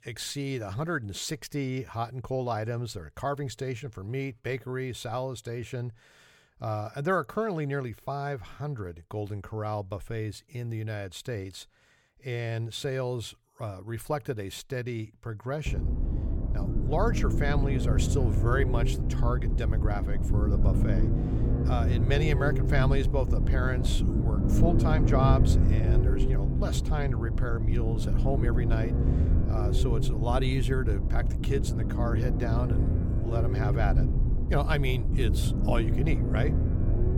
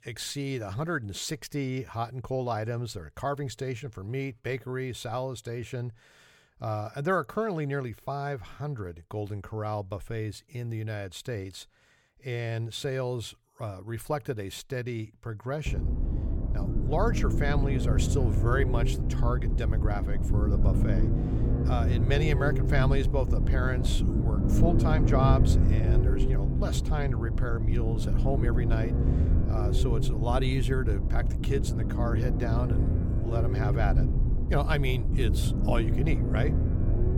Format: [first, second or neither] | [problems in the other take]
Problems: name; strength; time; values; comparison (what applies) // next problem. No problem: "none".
neither | low rumble; loud; from 16 s on; 4 dB below the speech; the same in both